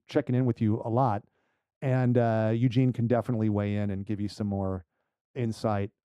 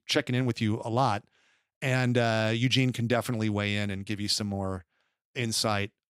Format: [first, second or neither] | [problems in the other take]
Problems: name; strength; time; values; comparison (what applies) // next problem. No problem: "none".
second | muffled; very; fading above 1.5 kHz